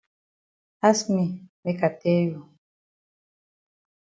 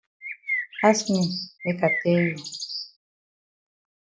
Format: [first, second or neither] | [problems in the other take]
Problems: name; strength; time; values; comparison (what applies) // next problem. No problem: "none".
first | background sound (Bird); 5 dB below the speech